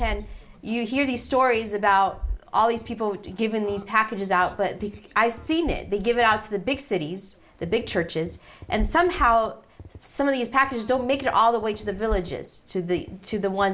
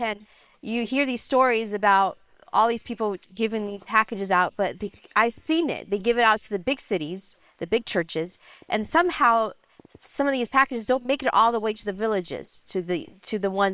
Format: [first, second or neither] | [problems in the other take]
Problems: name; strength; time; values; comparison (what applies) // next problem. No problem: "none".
first | noise reduction (neural separator model SepFormer WHAM!)